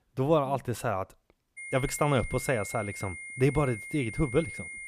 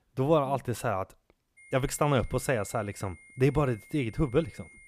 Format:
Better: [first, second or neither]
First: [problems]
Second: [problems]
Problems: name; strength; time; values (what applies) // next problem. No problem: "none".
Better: second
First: high-pitched whine; loud; from 1.5 s on; 2 kHz, 10 dB below the speech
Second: high-pitched whine; faint; from 1.5 s on; 2 kHz, 25 dB below the speech